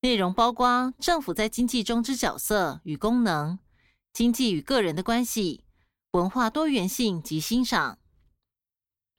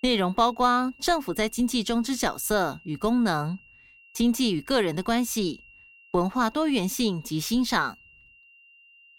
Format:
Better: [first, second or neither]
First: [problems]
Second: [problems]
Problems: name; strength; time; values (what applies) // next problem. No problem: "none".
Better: first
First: none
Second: high-pitched whine; faint; throughout; 3 kHz, 25 dB below the speech